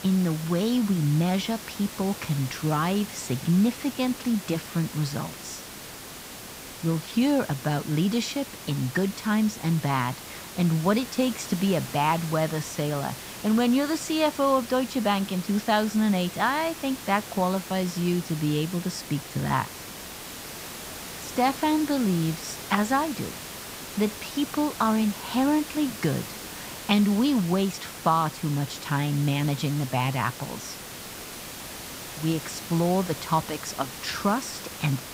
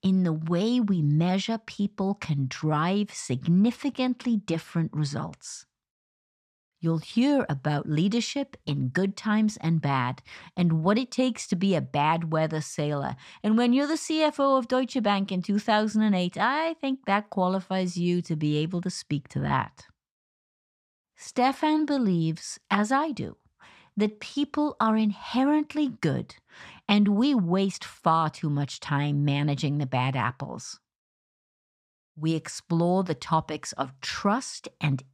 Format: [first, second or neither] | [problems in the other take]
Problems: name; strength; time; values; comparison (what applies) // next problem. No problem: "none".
second | hiss; noticeable; throughout; 10 dB below the speech